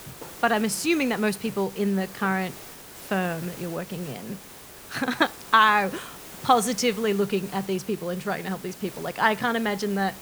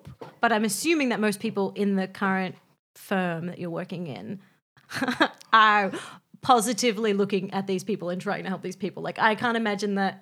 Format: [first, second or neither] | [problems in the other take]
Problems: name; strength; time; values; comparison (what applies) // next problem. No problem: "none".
second | hiss; noticeable; throughout; 15 dB below the speech